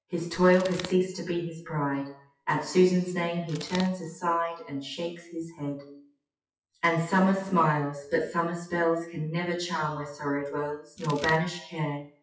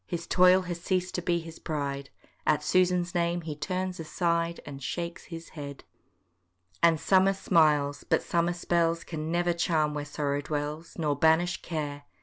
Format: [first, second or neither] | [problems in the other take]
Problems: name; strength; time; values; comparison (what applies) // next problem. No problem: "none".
second | noise reduction (classical method WPE with log-MMSE)